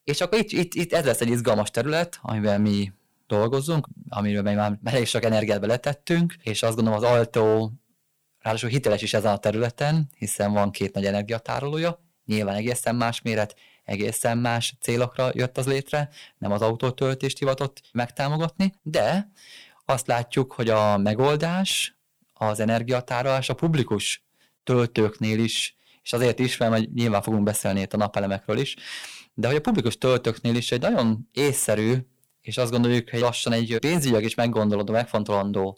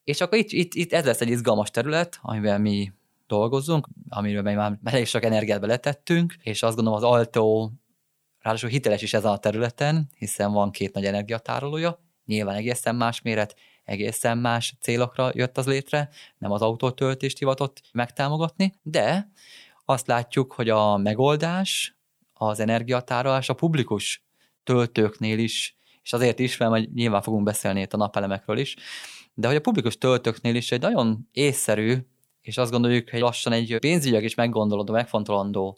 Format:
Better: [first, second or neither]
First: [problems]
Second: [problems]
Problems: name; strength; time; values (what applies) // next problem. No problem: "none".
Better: second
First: distortion; slight; 4% of the sound clipped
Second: none